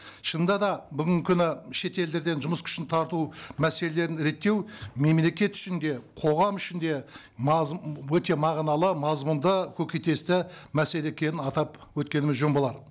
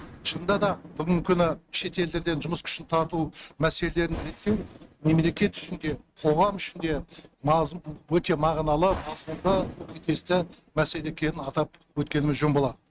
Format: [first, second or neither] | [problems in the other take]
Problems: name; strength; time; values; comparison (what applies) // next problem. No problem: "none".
first | noise reduction (neural mask model RNNoise)